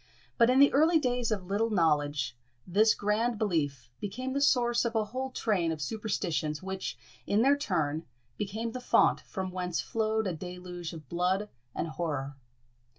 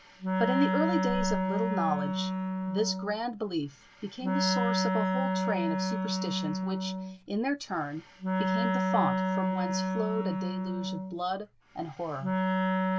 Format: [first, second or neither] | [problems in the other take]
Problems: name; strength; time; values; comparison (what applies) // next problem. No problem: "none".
first | background sound (Wind instrument, woodwind instrument); 3 dB above the speech